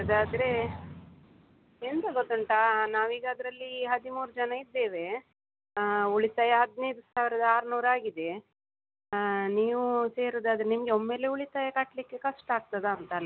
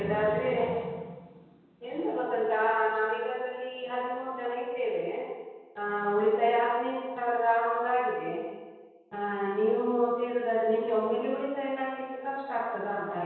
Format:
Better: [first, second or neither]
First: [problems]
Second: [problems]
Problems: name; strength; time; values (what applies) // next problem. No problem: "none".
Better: first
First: none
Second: room echo; dies away in 1.2 s